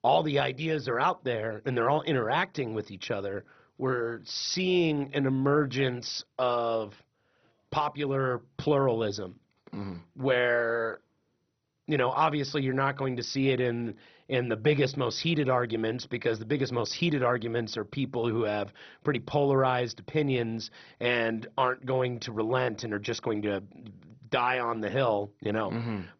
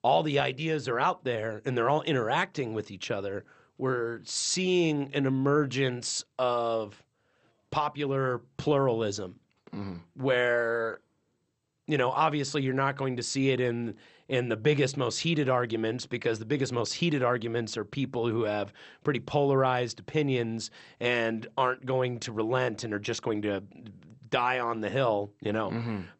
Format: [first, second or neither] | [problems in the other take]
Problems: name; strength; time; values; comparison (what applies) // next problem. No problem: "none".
second | garbled, watery; badly; nothing above 6 kHz; slightly in the second